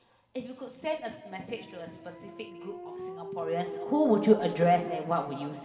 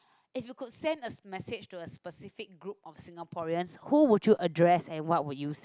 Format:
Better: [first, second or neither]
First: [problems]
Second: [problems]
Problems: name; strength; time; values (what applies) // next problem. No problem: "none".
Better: second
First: background sound (Dog); 12 dB below the speech // room echo; dies away in 2 s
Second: none